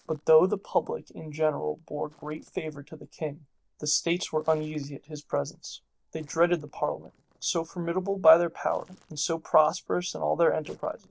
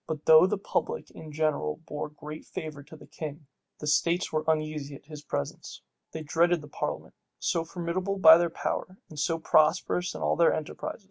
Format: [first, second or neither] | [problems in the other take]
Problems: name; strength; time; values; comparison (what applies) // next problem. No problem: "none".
second | noise reduction (neural separator model SepFormer DNS4)